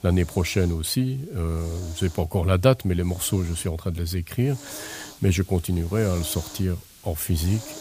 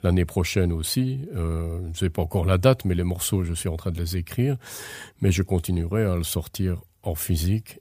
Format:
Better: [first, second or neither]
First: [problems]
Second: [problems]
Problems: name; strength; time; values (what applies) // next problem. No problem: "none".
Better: second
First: hiss; noticeable; throughout; 15 dB below the speech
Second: none